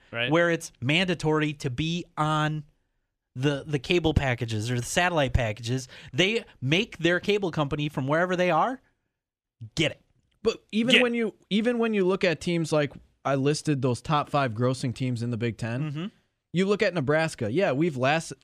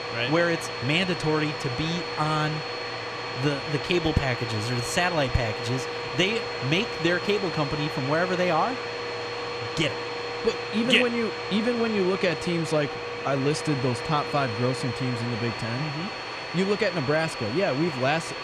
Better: first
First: none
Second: household noises; loud; throughout; 5 dB below the speech

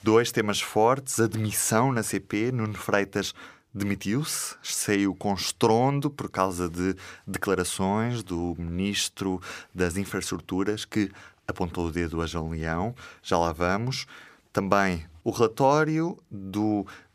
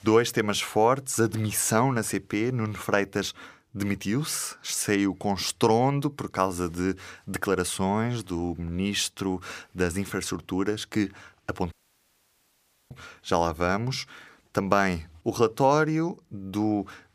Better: first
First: none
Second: audio cutting out; at 12 s for 1 s

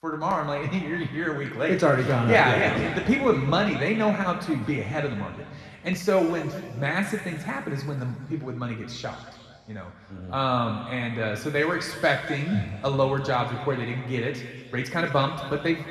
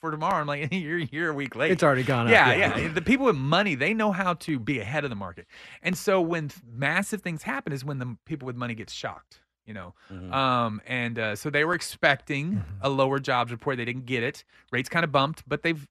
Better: second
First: room echo; noticeable; dies away in 2 s // off-mic speech; somewhat distant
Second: none

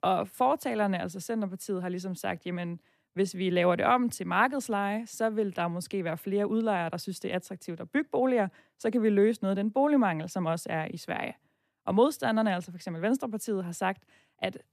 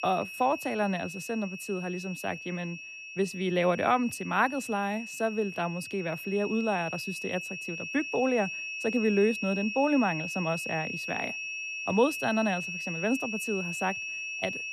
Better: first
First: none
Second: high-pitched whine; loud; throughout; 2.5 kHz, 5 dB below the speech

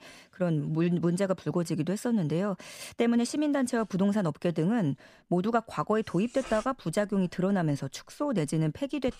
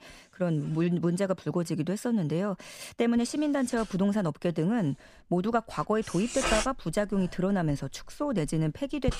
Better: first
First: household noises; faint; throughout; 20 dB below the speech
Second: household noises; loud; throughout; 7 dB below the speech

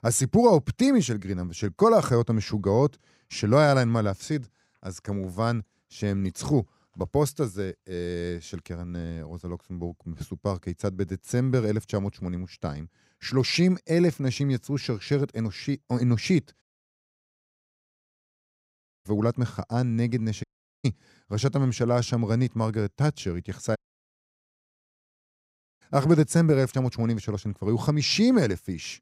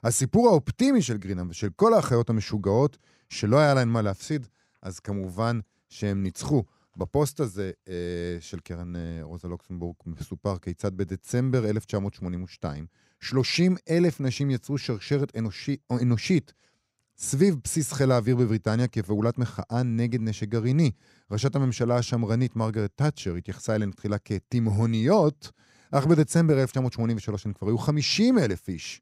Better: second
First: audio cutting out; at 17 s for 2.5 s, at 20 s and at 24 s for 2 s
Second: none

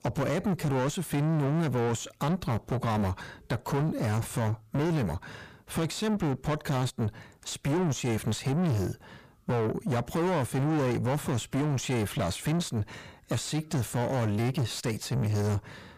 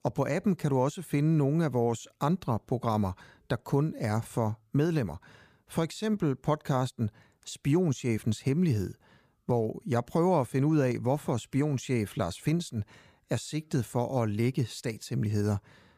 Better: second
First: distortion; heavy; 6 dB below the speech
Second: none

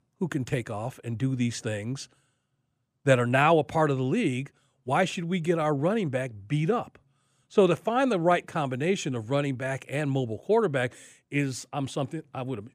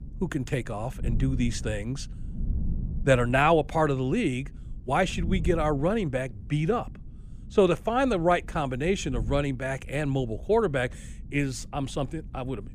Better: first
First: none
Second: wind noise on the microphone; occasional gusts; 25 dB below the speech

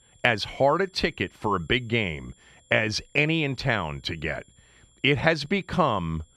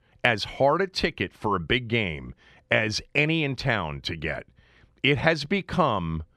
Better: second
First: high-pitched whine; faint; throughout; 7.5 kHz, 35 dB below the speech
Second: none

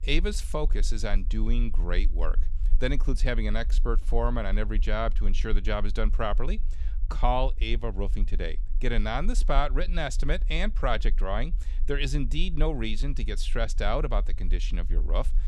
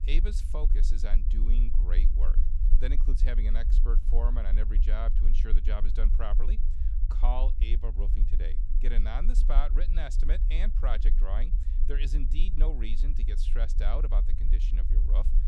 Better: first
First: low rumble; faint; throughout; 25 dB below the speech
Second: low rumble; loud; throughout; 10 dB below the speech

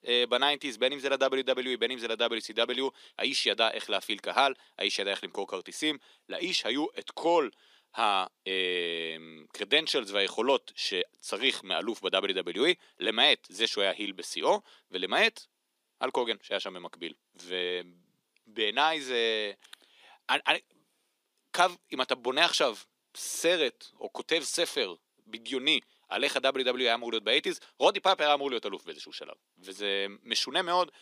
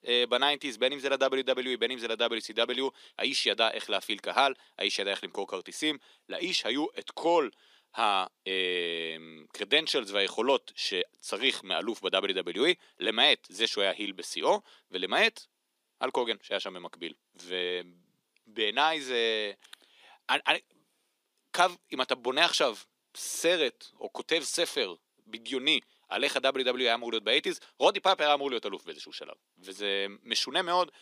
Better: neither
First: thin; somewhat; fading below 250 Hz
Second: thin; somewhat; fading below 250 Hz

